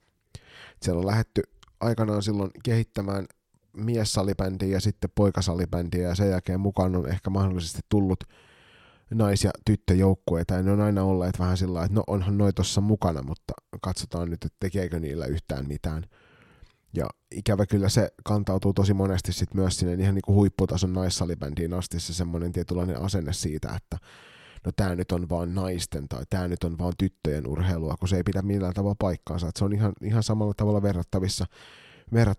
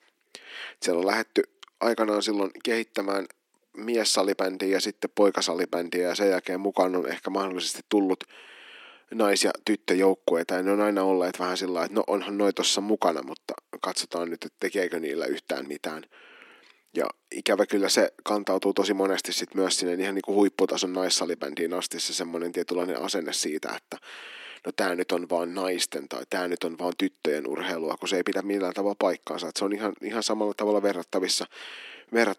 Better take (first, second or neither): first